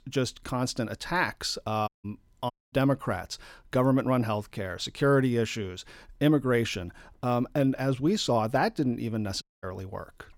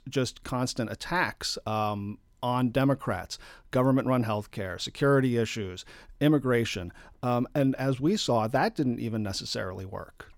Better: second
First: audio cutting out; at 2 s, at 2.5 s and at 9.5 s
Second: none

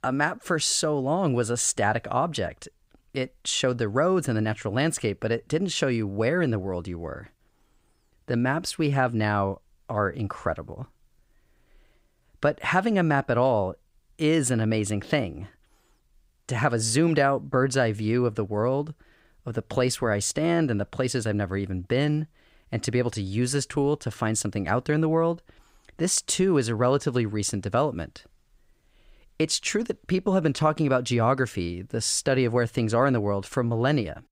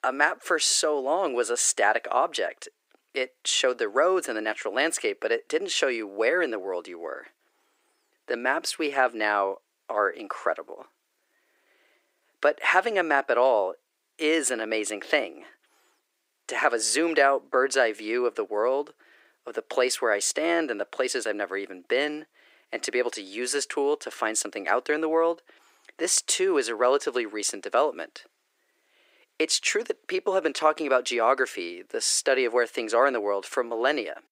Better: first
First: none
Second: thin; very; fading below 350 Hz

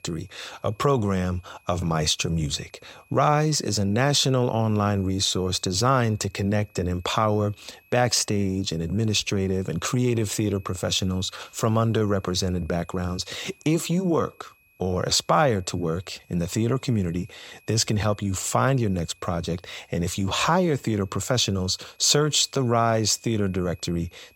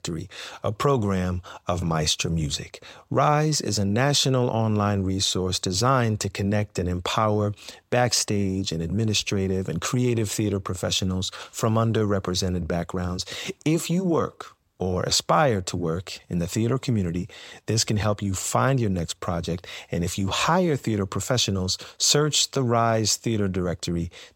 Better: second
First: high-pitched whine; faint; throughout; 2.5 kHz, 30 dB below the speech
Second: none

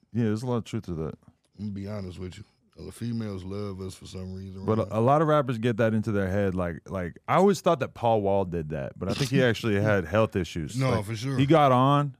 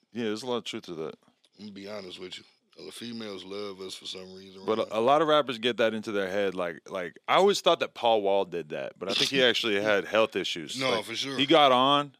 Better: first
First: none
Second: thin; somewhat; fading below 350 Hz

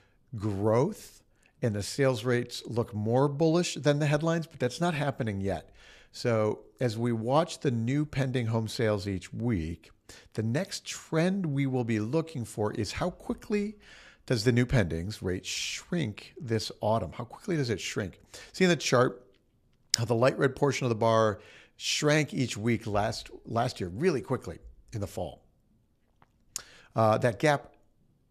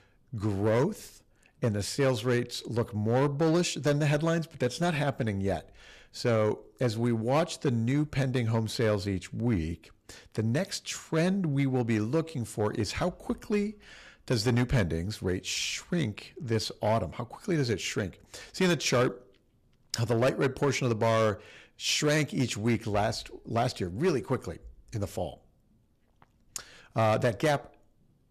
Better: first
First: none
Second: distortion; slight; 4% of the sound clipped

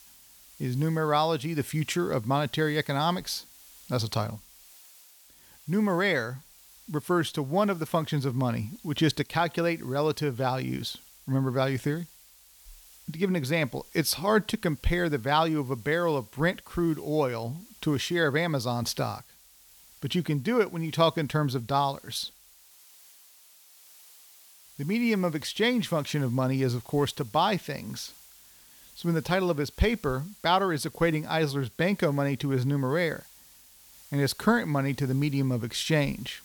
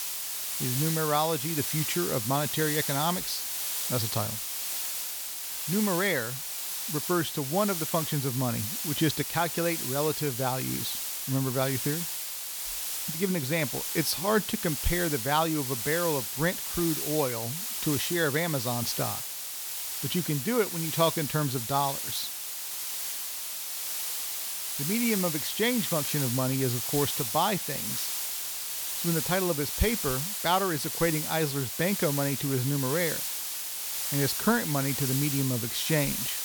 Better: first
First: hiss; faint; throughout; 25 dB below the speech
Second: hiss; loud; throughout; 1 dB below the speech

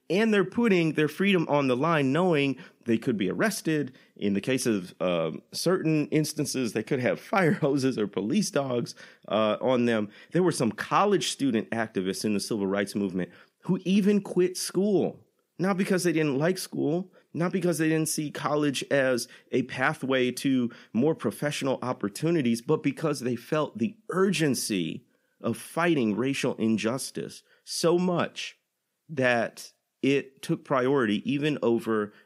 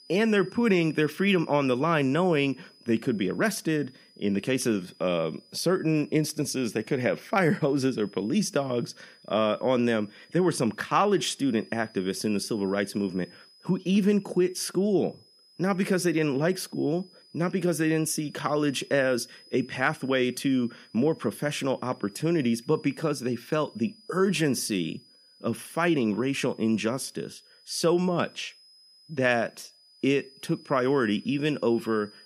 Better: first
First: none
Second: high-pitched whine; faint; throughout; 5 kHz, 25 dB below the speech

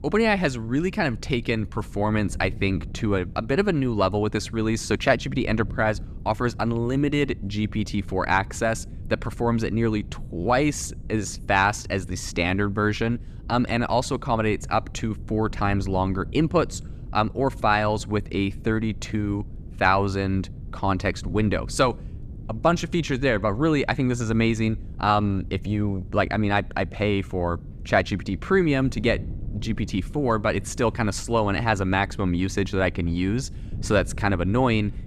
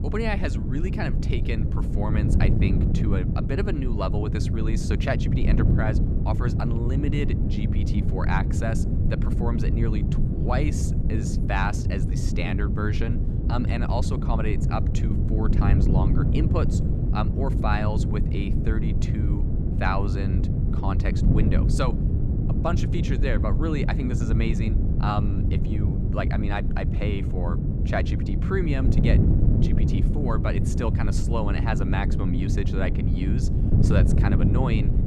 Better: first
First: wind noise on the microphone; occasional gusts; 25 dB below the speech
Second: wind noise on the microphone; heavy; 3 dB below the speech

